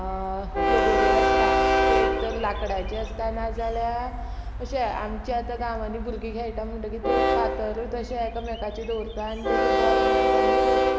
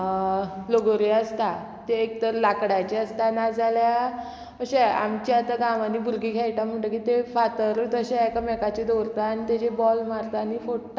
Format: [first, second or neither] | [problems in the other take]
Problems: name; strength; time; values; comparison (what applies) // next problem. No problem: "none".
second | background sound (Train); 5 dB above the speech